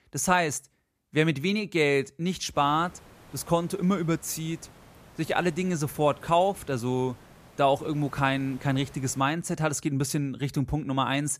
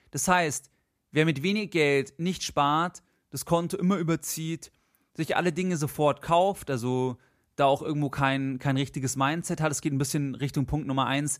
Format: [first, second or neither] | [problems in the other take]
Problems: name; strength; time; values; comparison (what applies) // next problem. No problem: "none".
second | hiss; faint; from 2.5 to 9 s; 25 dB below the speech